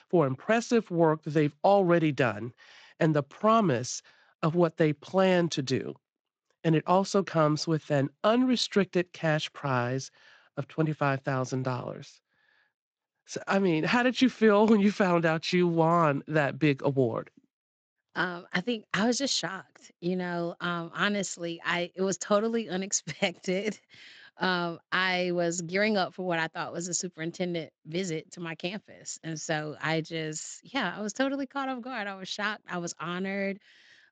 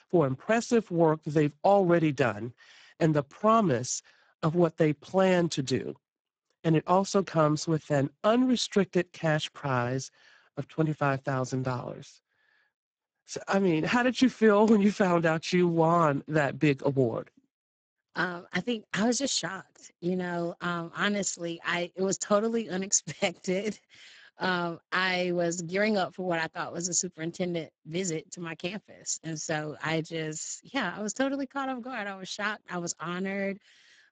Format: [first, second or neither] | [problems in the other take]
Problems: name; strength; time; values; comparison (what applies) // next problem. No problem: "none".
first | garbled, watery; badly; nothing above 7.5 kHz; slightly in the first